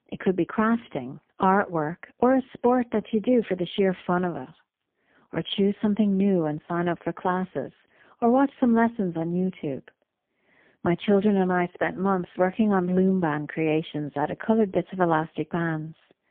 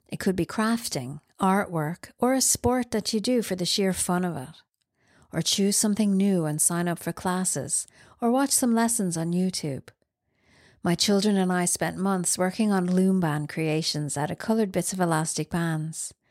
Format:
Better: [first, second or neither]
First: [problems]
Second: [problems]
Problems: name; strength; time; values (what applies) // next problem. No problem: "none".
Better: second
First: phone-call audio; poor line; nothing above 3.5 kHz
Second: none